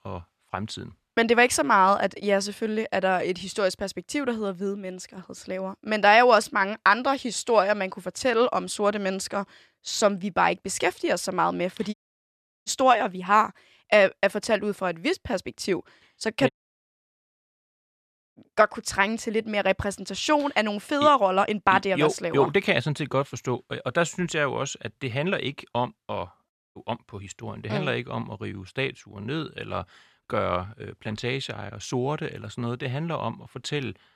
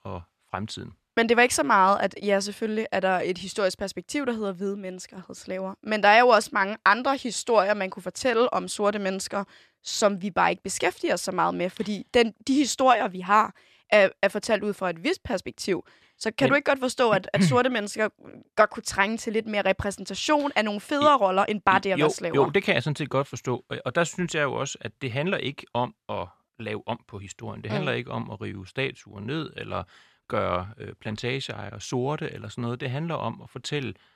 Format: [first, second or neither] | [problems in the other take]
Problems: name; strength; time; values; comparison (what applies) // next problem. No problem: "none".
second | audio cutting out; at 12 s for 0.5 s, at 17 s for 2 s and at 27 s